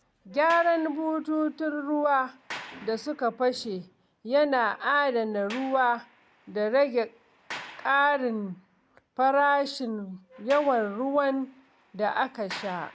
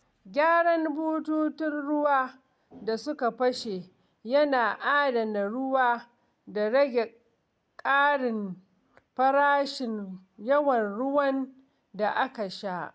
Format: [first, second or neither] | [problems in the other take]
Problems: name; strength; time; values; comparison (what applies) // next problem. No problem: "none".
second | background sound (Sliding door); 20 dB below the speech